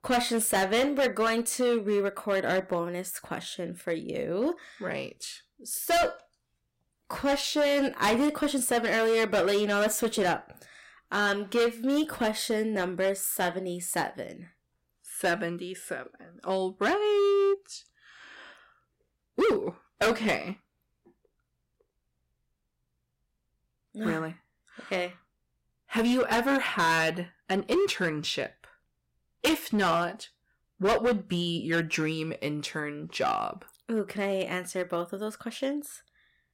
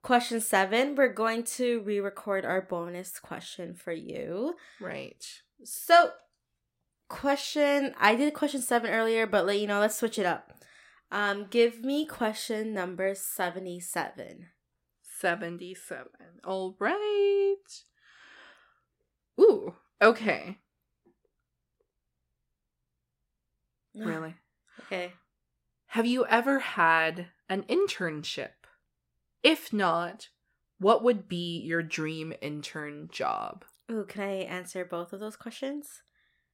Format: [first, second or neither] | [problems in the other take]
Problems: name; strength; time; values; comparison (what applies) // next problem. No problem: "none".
second | distortion; heavy; 7% of the sound clipped